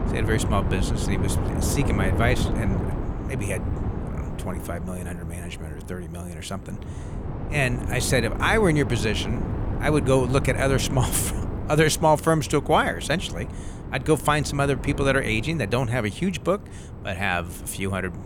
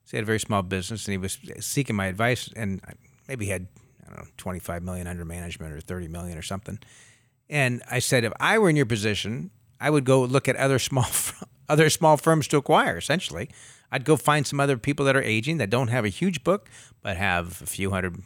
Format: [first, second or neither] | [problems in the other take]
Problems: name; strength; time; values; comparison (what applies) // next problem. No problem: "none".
second | wind noise on the microphone; occasional gusts; 10 dB below the speech